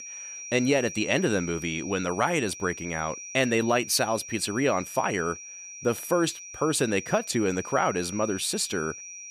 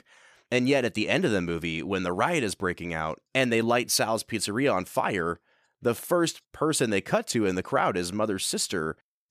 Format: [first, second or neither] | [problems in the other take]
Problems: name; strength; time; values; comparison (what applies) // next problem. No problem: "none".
second | high-pitched whine; noticeable; throughout; 5.5 kHz, 10 dB below the speech